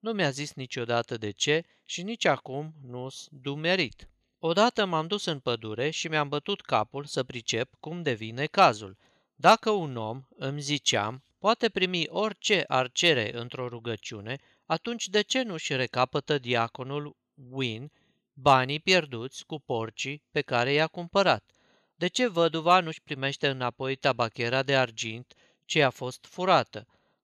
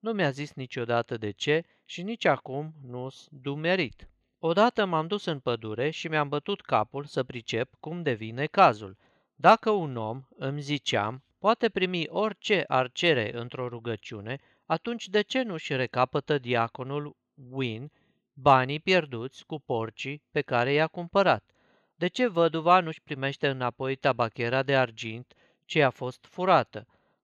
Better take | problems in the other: first | muffled; slightly; fading above 3.5 kHz

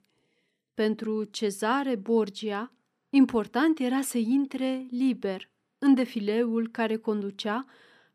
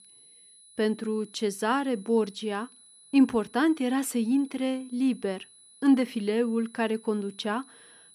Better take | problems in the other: first | high-pitched whine; faint; throughout; 10 kHz, 25 dB below the speech

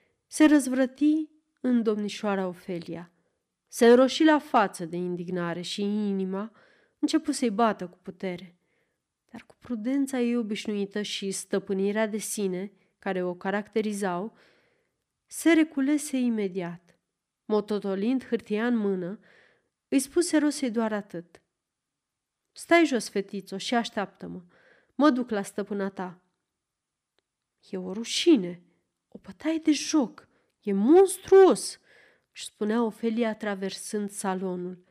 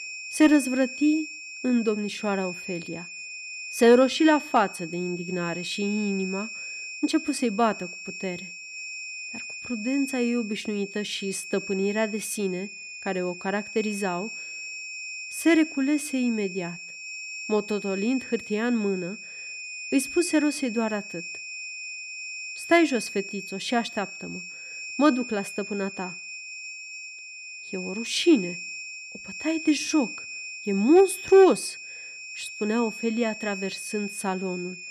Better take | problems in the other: first | high-pitched whine; loud; throughout; 2.5 kHz, 10 dB below the speech

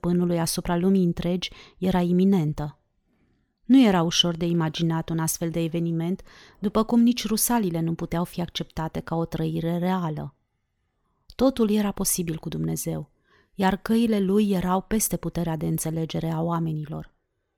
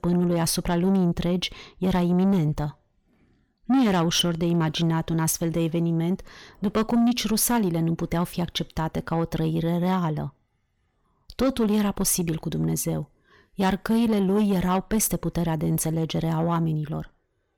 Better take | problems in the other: first | distortion; slight; 10 dB below the speech

